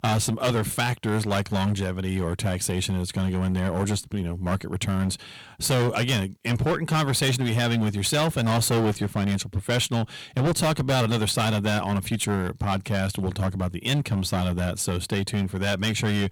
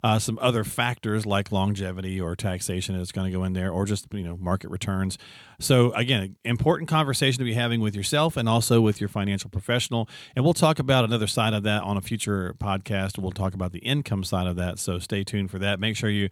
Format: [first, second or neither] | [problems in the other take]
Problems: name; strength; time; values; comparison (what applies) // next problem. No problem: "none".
second | distortion; heavy; 14% of the sound clipped